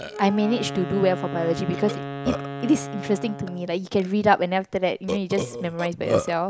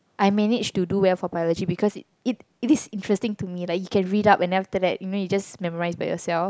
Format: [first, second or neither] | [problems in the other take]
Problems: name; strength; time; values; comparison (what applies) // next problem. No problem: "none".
second | background sound (Burping, eructation + Wind instrument, woodwind instrument); 7 dB below the speech